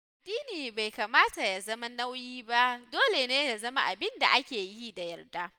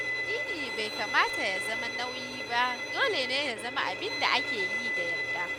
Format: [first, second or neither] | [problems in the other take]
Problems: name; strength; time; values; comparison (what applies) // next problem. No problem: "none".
first | background sound (Bowed string instrument); 1 dB below the speech